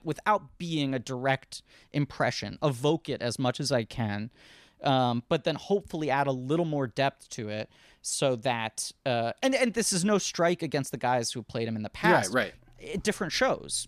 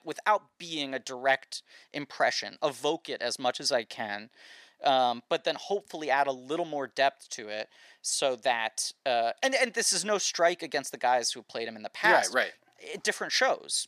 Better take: first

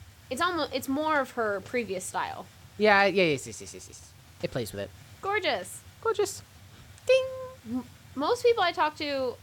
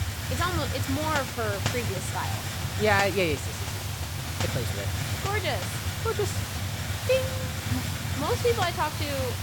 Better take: first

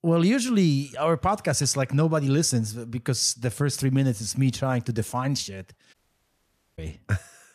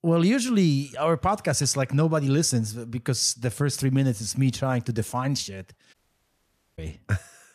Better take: neither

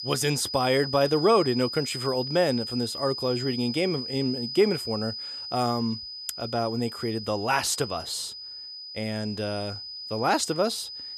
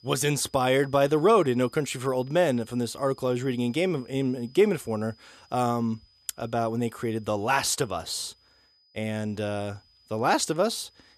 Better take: second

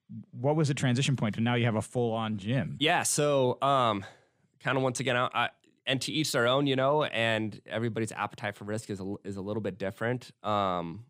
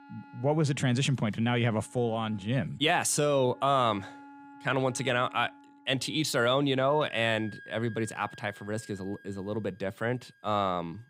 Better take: first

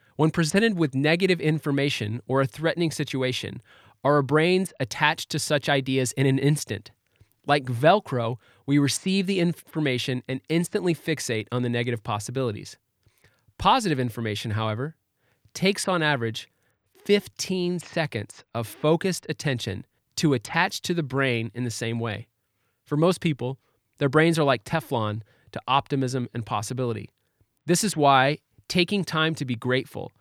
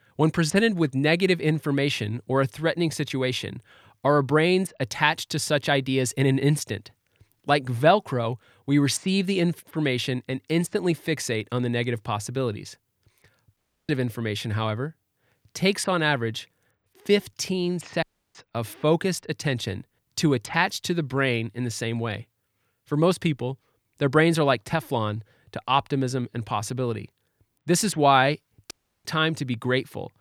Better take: first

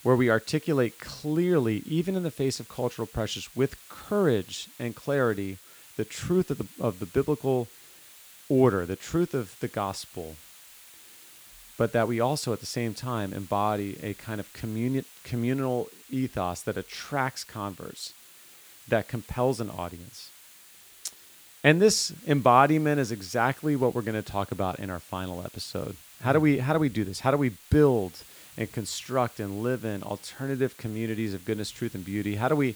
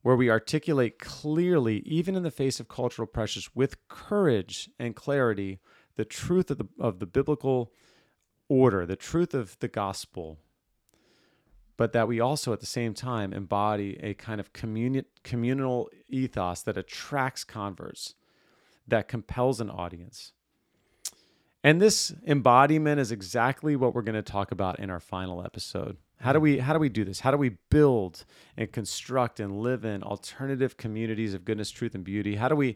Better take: second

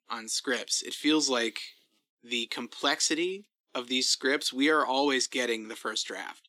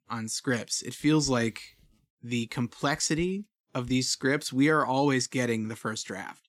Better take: second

